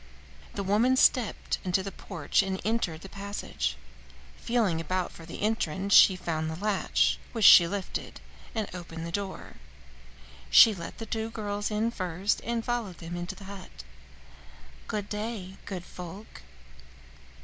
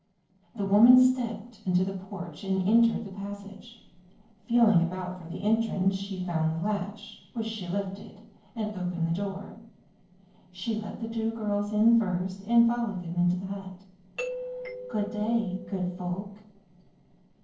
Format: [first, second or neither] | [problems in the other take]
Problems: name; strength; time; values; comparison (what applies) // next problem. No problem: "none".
first | noise reduction (neural separator model SepFormer DNS4)